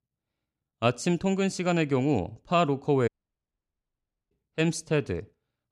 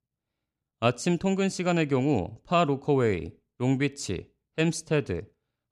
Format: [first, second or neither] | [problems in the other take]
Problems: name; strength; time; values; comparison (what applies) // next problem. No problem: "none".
second | audio cutting out; at 3 s for 1 s